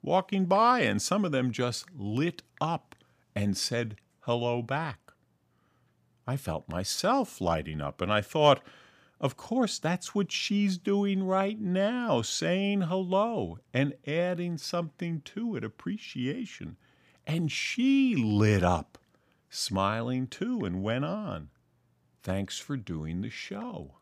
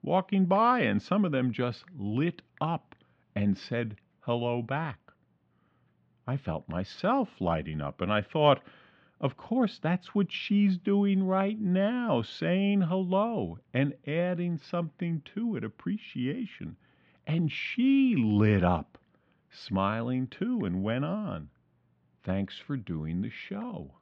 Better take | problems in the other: first | muffled; slightly; fading above 3.5 kHz

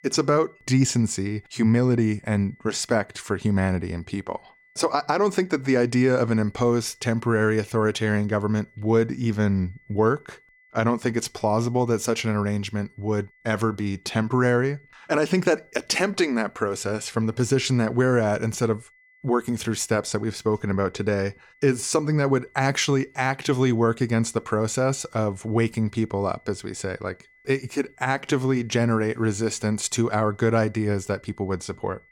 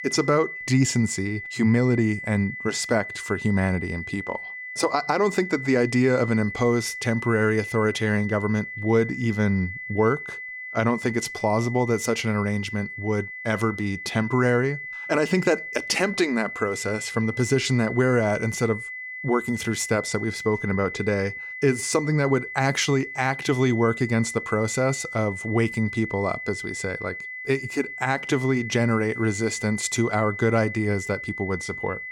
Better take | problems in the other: first | high-pitched whine; loud; throughout; 2 kHz, 9 dB below the speech; faint in the first

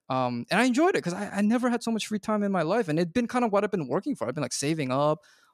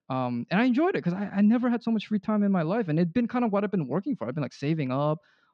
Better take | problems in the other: first | muffled; slightly; fading above 4 kHz

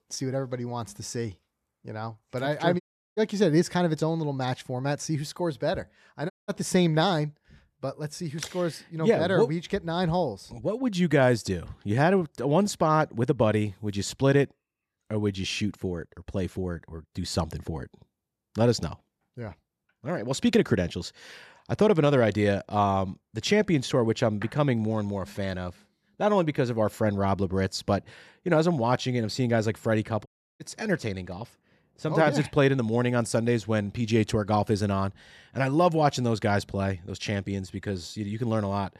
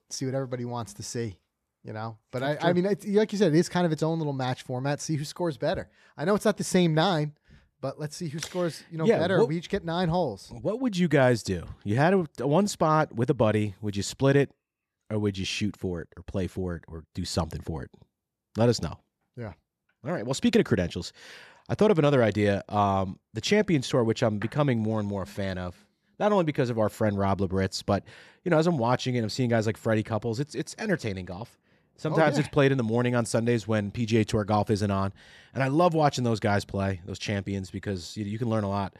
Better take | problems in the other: second | audio cutting out; at 3 s, at 6.5 s and at 30 s

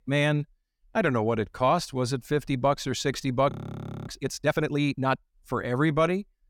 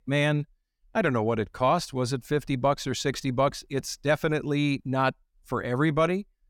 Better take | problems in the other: second | audio freezing; at 3.5 s for 0.5 s

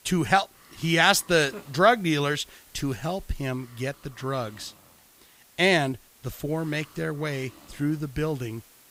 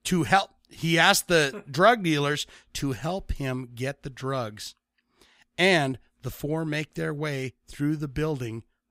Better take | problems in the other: second | hiss; faint; throughout; 25 dB below the speech

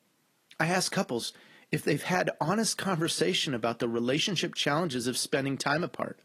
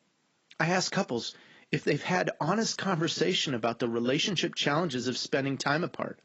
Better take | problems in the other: first | garbled, watery; badly; nothing above 7.5 kHz; slightly in the first

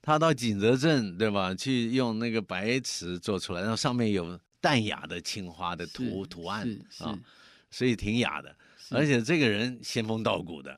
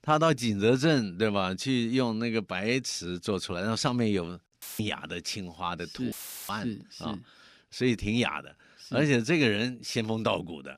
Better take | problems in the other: first | audio cutting out; filled with static; at 4.5 s and at 6 s

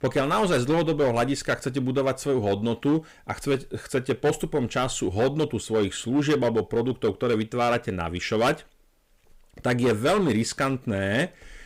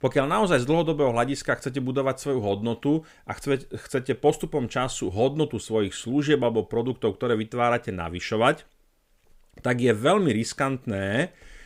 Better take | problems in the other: second | distortion; slight; 8% of the sound clipped

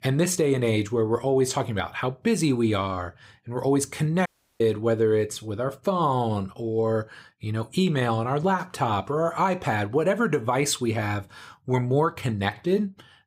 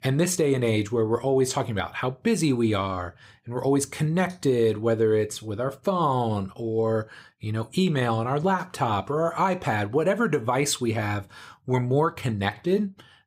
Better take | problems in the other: second | audio cutting out; at 4.5 s

